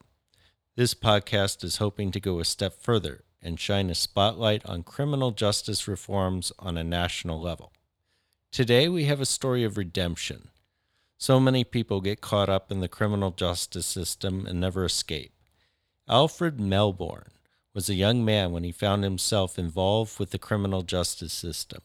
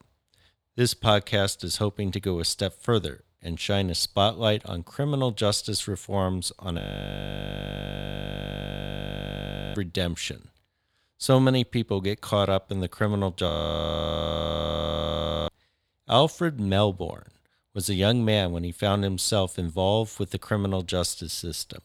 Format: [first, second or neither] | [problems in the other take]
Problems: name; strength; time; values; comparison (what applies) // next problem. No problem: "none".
first | audio freezing; at 7 s for 3 s and at 13 s for 2 s